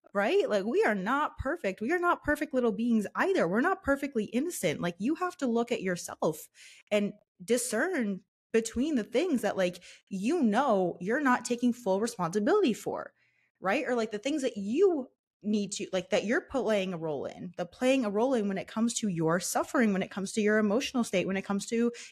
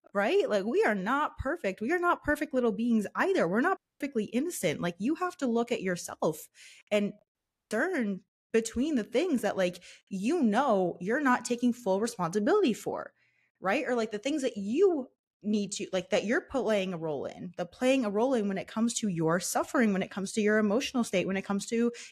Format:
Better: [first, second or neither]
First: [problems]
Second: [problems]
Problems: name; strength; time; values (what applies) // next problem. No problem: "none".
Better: first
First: none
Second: audio cutting out; at 4 s and at 7.5 s